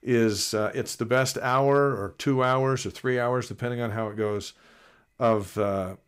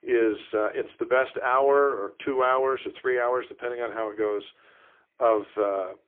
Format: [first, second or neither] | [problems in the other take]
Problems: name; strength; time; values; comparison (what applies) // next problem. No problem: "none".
first | phone-call audio; poor line; nothing above 3.5 kHz